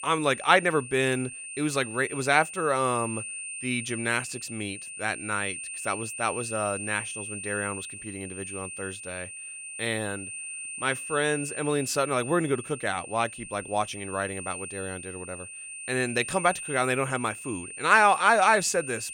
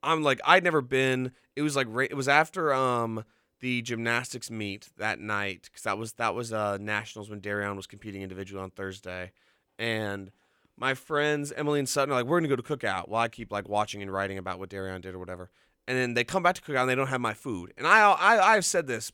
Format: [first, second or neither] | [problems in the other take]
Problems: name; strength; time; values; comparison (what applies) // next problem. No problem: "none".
second | high-pitched whine; loud; throughout; 9 kHz, 9 dB below the speech